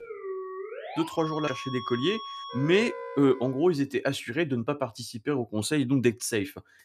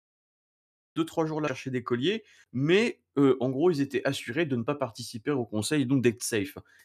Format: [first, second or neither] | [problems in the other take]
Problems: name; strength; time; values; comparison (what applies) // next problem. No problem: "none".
second | background music; noticeable; until 3.5 s; 10 dB below the speech